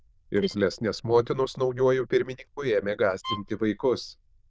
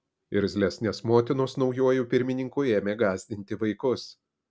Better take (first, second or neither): second